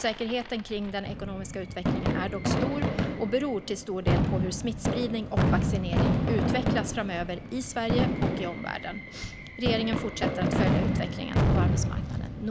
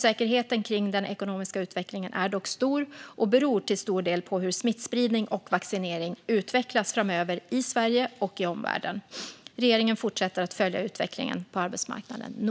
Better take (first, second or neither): second